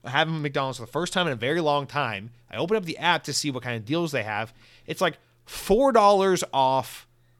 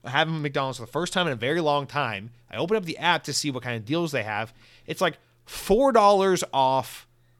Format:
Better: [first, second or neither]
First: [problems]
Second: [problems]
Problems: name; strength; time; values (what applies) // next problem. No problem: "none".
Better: neither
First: none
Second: none